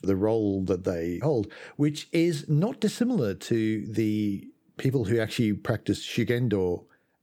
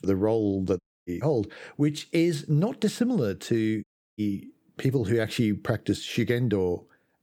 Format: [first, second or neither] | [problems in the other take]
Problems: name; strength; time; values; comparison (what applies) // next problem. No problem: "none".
first | audio cutting out; at 1 s and at 4 s